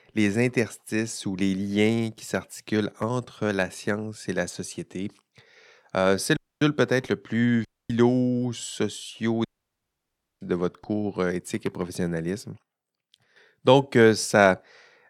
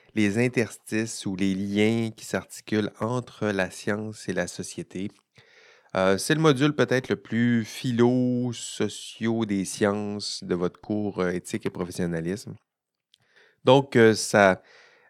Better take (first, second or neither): second